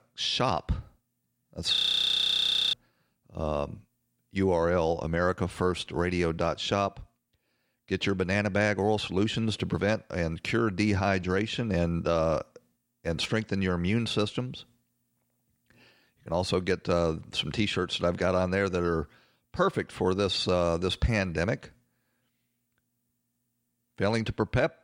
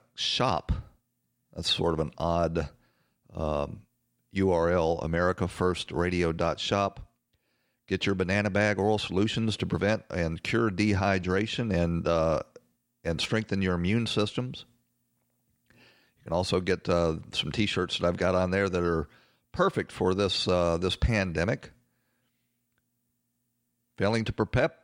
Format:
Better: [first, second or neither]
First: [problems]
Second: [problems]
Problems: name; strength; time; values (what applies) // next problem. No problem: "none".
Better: second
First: audio freezing; at 2 s for 1 s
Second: none